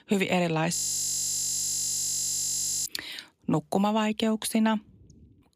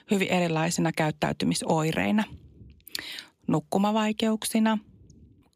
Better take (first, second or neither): second